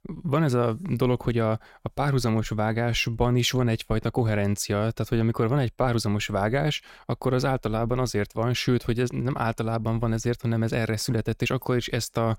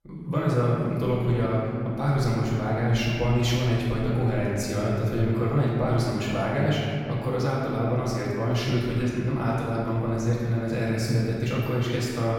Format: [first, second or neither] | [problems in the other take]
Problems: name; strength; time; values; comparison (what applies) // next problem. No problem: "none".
first | room echo; strong; dies away in 2.5 s // off-mic speech; far